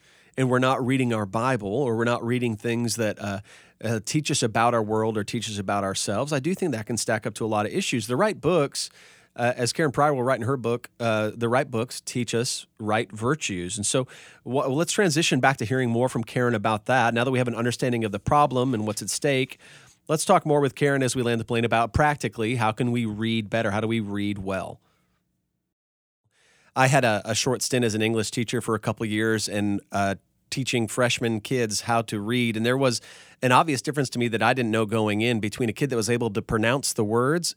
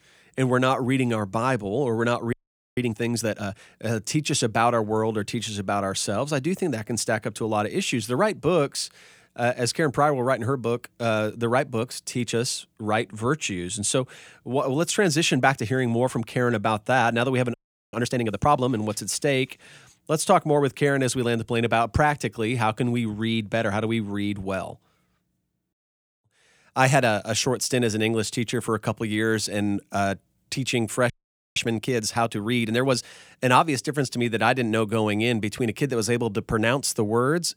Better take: first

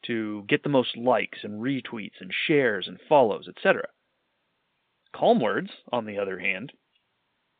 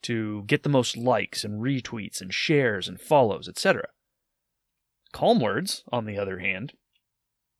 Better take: second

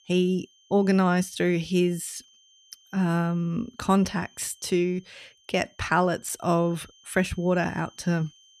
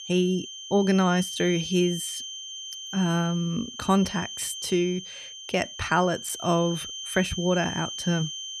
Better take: first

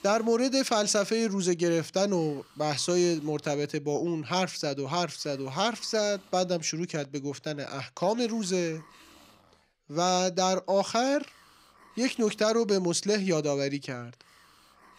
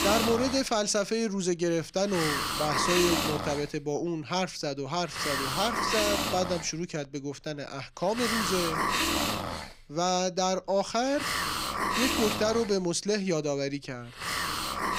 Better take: first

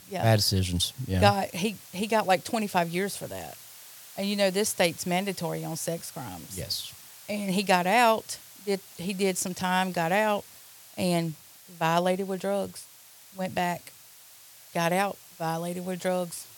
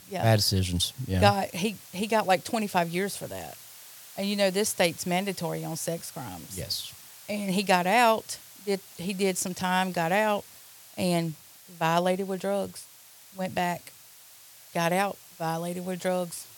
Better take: neither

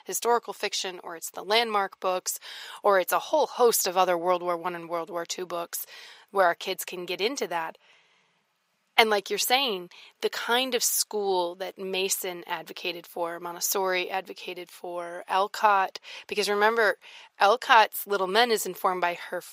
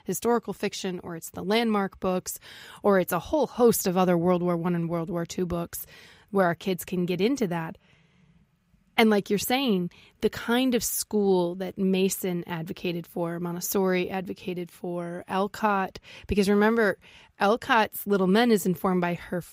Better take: second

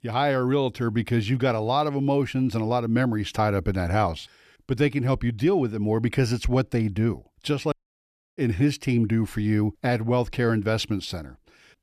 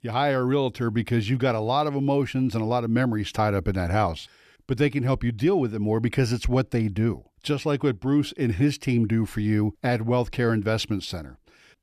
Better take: second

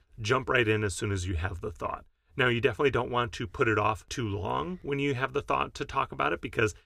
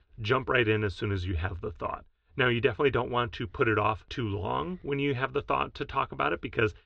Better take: first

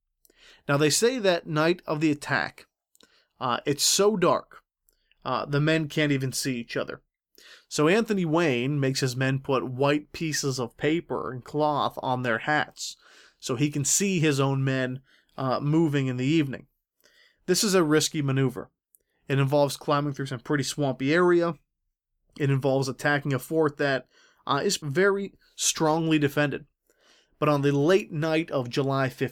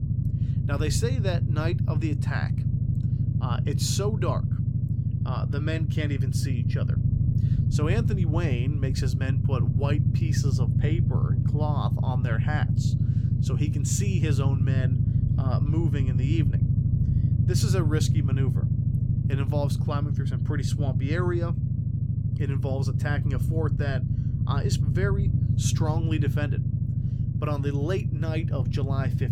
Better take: first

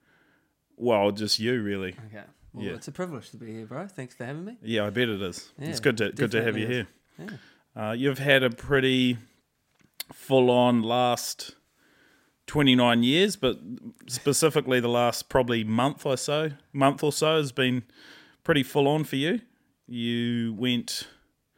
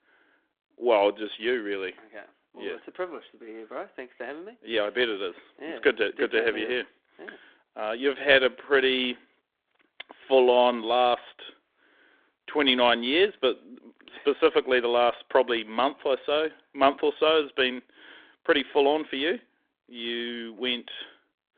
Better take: first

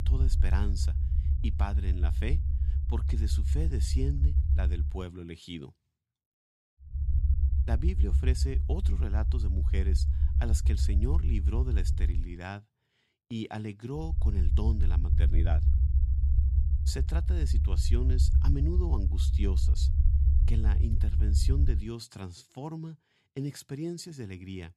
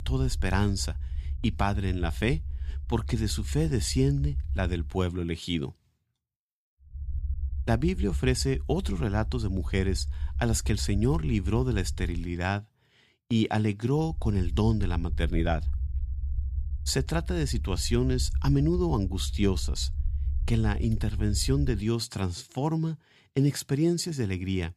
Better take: second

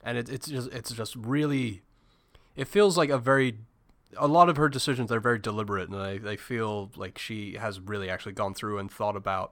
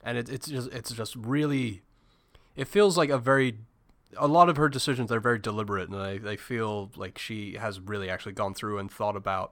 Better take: neither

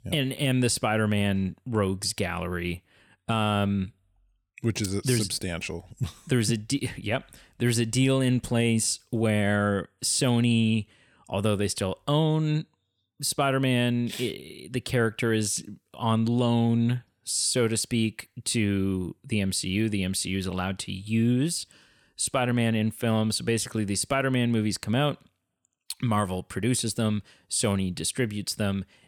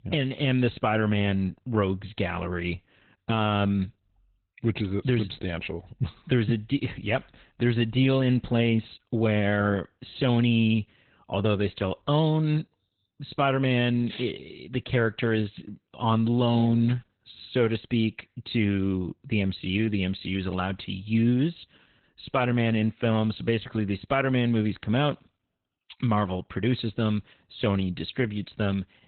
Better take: first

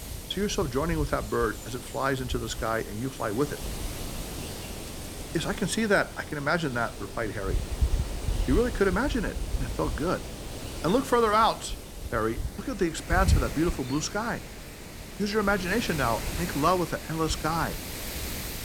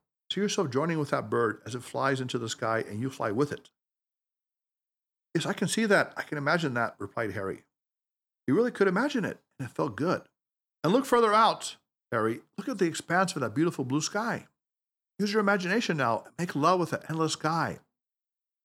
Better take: second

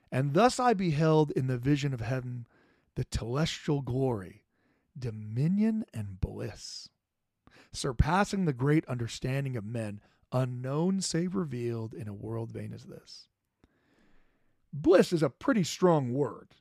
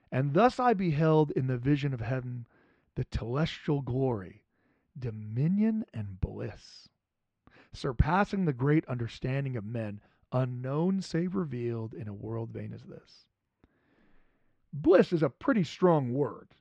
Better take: first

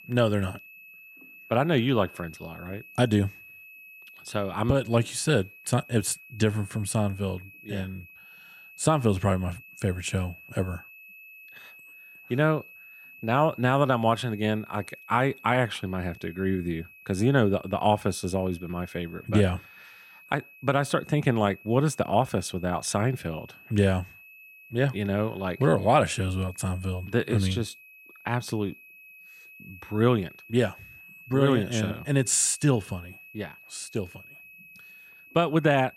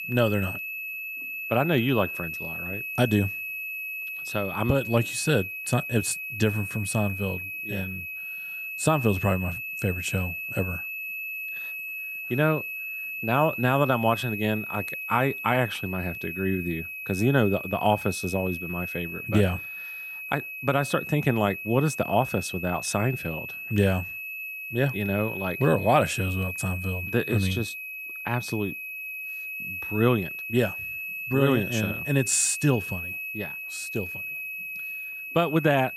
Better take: first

